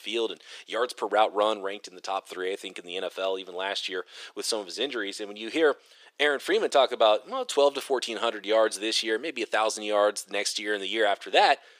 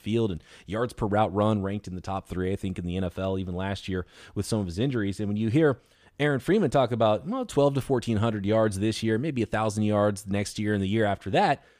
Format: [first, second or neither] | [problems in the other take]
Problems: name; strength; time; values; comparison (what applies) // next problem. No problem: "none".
second | thin; very; fading below 400 Hz